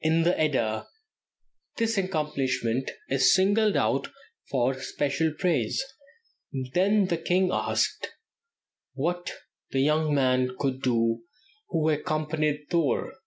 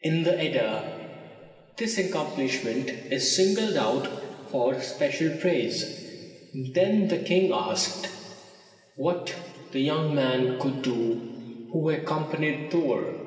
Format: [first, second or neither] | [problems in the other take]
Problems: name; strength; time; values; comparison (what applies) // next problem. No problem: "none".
first | room echo; dies away in 2.5 s